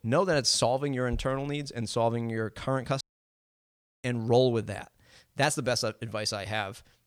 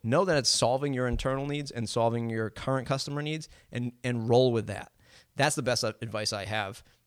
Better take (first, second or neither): second